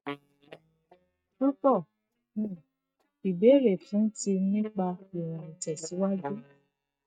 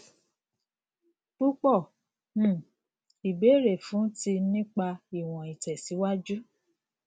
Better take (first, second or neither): second